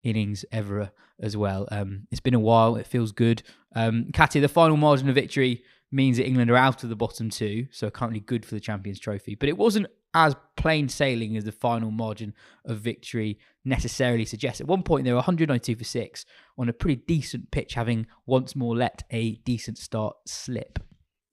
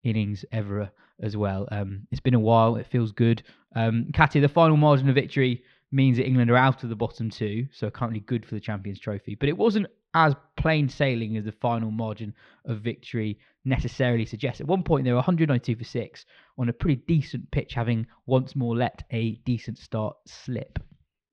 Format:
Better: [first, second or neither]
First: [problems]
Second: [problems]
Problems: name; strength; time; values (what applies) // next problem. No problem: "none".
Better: first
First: none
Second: muffled; slightly; fading above 4 kHz